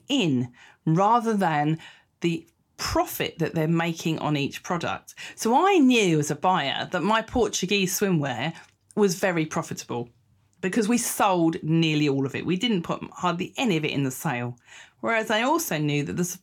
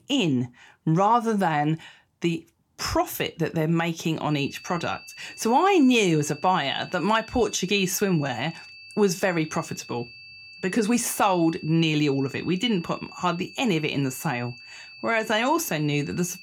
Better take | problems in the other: first | high-pitched whine; noticeable; from 4.5 s on; 2.5 kHz, 20 dB below the speech

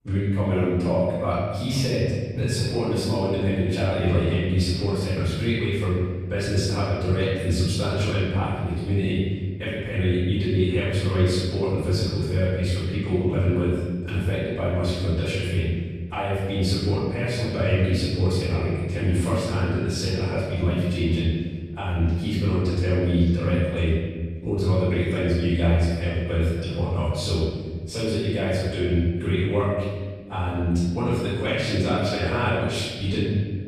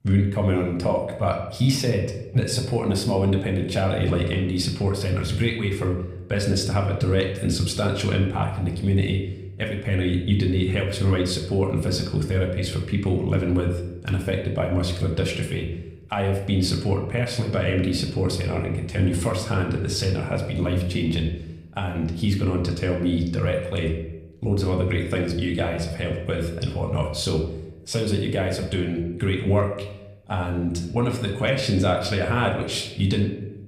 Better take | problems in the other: second | room echo; strong; dies away in 1.5 s; slight in the second // off-mic speech; far

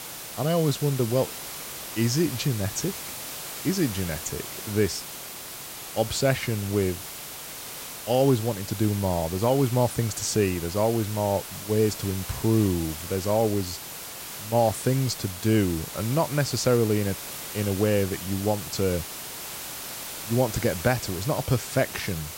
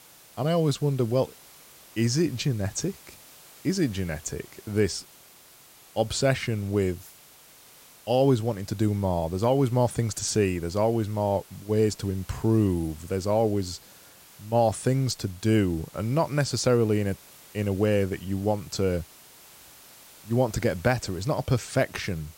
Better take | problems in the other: second | hiss; loud; throughout; 9 dB below the speech; faint in the second

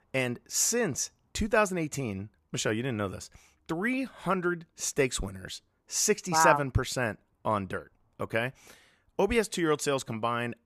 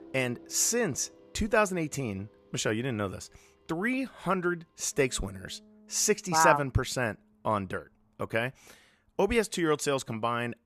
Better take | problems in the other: first | background music; faint; throughout; 30 dB below the speech

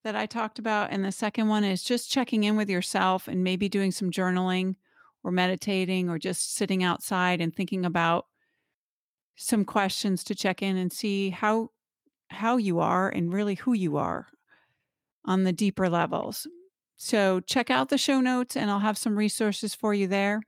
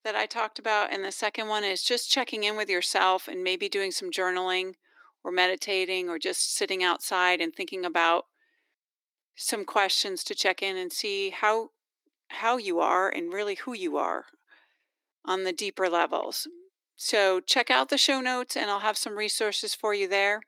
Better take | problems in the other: first | thin; very; fading below 300 Hz

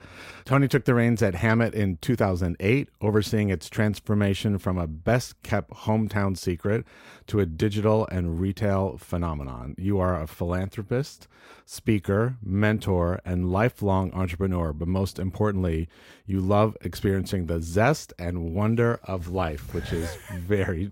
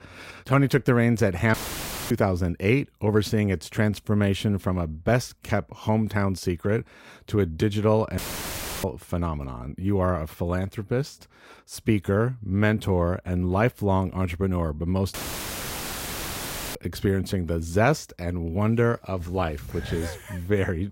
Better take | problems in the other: first | audio cutting out; filled with static; at 1.5 s for 0.5 s, at 8 s for 0.5 s and at 15 s for 1.5 s

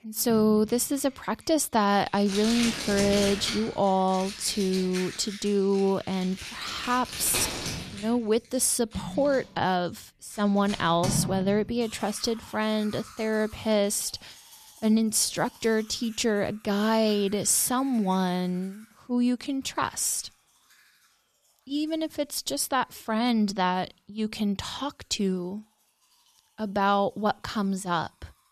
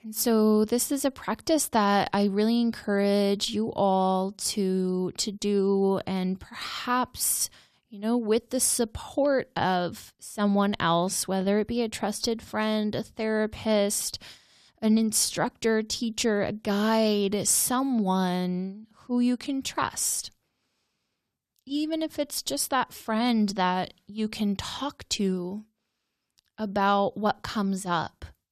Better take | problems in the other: second | household noises; loud; throughout; 9 dB below the speech

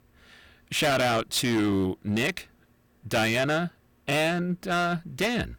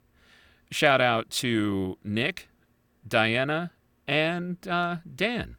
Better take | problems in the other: second | distortion; heavy; 12% of the sound clipped

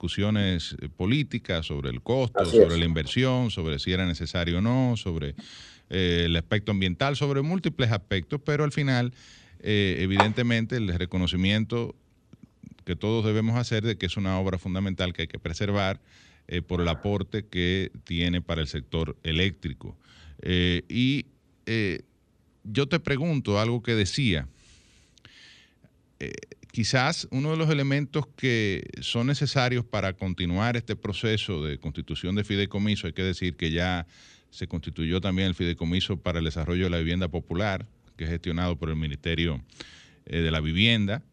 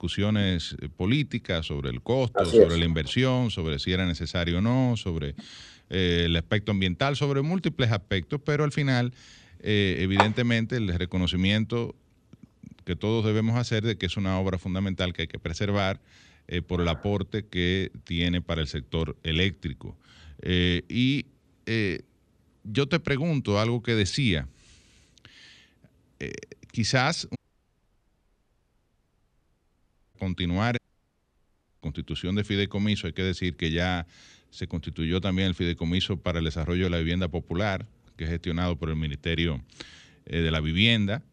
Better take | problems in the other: first | audio cutting out; at 27 s for 3 s and at 31 s for 1 s

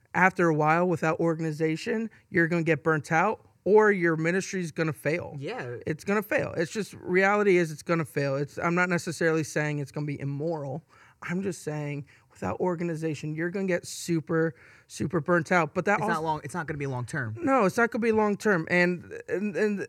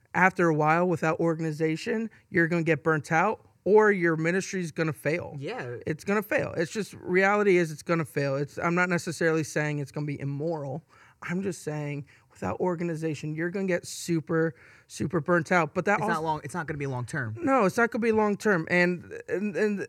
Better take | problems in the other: neither | none

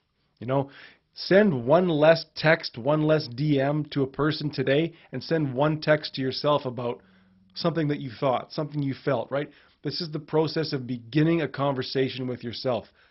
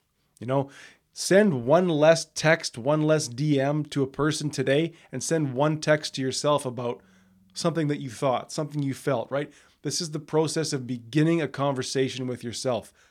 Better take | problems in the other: second | garbled, watery; badly; nothing above 5.5 kHz

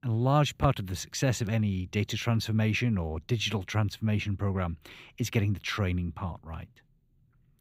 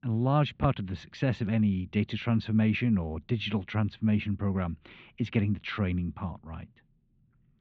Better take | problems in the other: first | muffled; slightly; fading above 3.5 kHz

